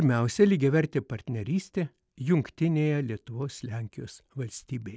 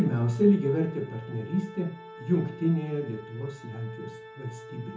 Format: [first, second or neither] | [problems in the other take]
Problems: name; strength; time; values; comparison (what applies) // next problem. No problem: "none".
first | background sound (Organ); 17 dB below the speech // room echo; dies away in 0.5 s